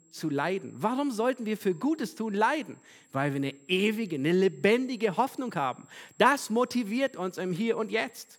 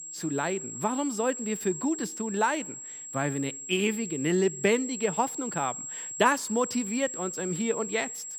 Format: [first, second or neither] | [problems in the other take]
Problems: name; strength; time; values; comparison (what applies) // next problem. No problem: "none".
first | high-pitched whine; loud; throughout; 7.5 kHz, 7 dB below the speech; faint in the first